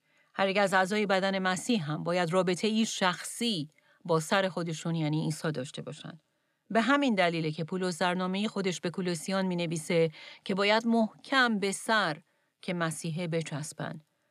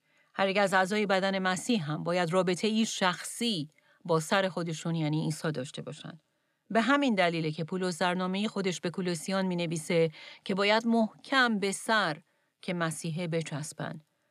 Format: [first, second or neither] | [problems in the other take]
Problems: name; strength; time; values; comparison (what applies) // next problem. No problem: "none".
neither | none